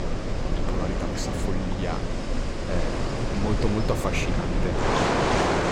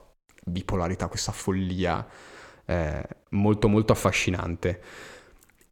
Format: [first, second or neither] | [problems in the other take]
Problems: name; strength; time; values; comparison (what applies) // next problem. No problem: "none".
second | wind in the background; very loud; throughout; 5 dB above the speech